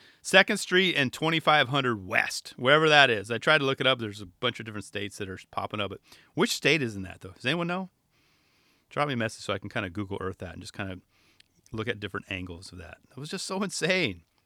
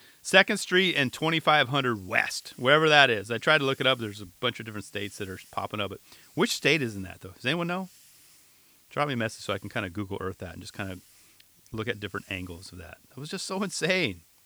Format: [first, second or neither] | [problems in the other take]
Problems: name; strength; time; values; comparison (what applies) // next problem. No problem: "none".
first | hiss; faint; throughout; 30 dB below the speech